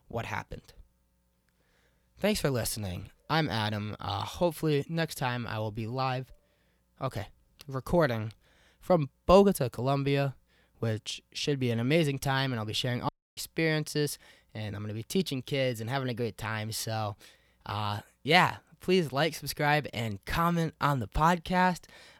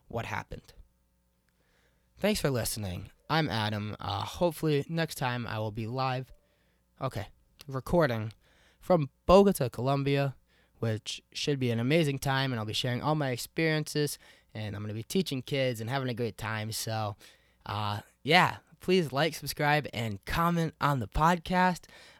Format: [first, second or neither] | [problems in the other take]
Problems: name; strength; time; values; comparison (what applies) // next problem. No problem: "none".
second | audio cutting out; at 13 s